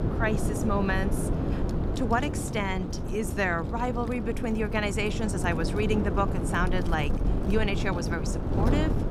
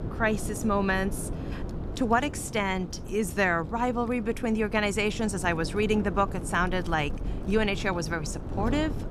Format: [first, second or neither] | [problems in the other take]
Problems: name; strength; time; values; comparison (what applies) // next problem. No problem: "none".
second | wind noise on the microphone; heavy; 6 dB below the speech; occasional gusts in the second